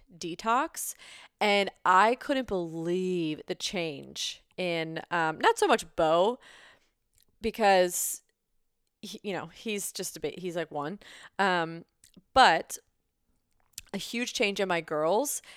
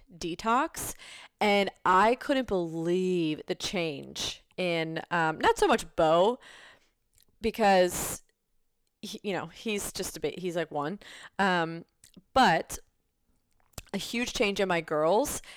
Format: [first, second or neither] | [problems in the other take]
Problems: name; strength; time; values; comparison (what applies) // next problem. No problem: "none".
first | distortion; slight; 9 dB below the speech